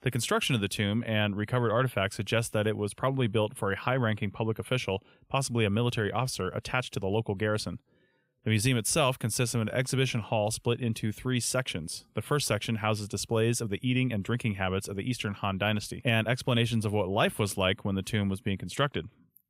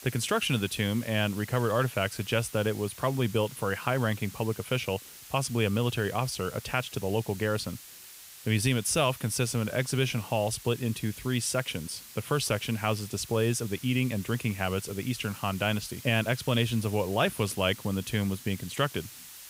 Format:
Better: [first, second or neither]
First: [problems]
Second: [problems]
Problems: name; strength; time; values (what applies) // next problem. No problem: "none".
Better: first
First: none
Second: hiss; noticeable; throughout; 15 dB below the speech